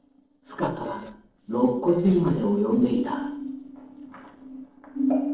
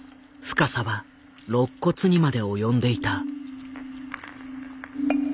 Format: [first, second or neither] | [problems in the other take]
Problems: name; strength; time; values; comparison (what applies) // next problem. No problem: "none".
second | noise reduction (neural separator model SepFormer DNS4)